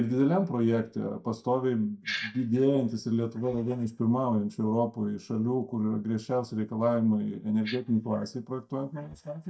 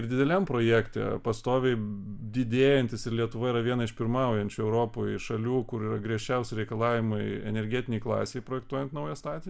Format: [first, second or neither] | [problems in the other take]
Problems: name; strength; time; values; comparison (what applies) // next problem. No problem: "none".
second | noise reduction (neural mask model DeepFilterNet 3)